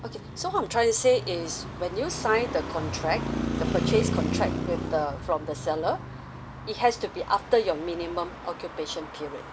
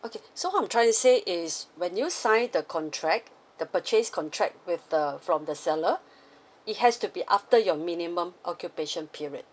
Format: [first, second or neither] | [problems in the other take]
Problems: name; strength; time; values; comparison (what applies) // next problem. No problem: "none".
second | background sound (Traffic noise, roadway noise); 5 dB below the speech